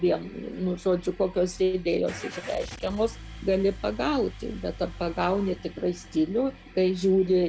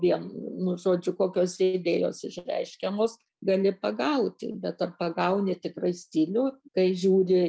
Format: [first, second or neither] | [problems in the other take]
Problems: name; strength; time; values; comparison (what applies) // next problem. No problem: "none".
second | background sound (Engine starting / Car); 16 dB below the speech